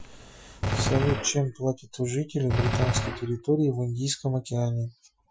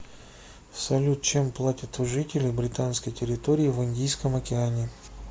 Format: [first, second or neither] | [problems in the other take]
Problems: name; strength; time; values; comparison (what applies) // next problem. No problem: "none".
second | noise reduction (classical method Wiener filter)